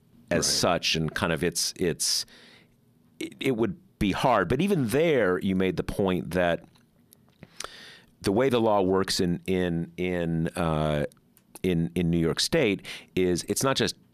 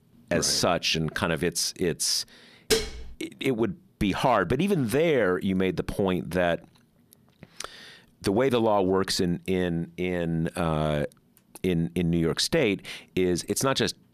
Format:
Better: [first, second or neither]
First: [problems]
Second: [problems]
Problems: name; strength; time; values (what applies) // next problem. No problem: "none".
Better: first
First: none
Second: clattering dishes; noticeable; at 2.5 s; peak level with the speech